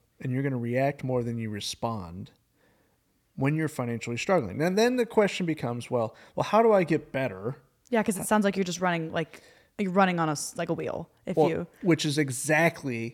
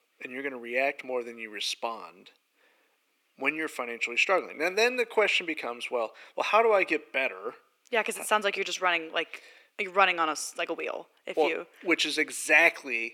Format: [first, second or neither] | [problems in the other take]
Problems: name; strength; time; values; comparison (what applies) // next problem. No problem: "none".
first | thin; very; fading below 350 Hz